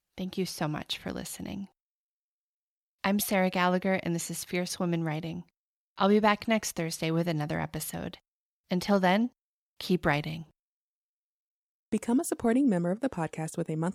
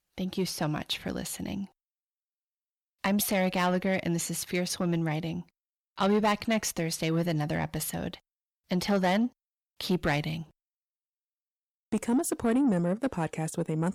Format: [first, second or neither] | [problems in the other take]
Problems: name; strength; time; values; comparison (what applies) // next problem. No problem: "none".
first | distortion; slight; 10 dB below the speech